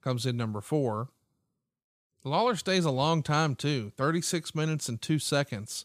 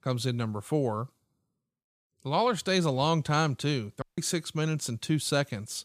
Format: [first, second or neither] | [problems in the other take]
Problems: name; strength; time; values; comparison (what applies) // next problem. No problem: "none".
first | audio cutting out; at 4 s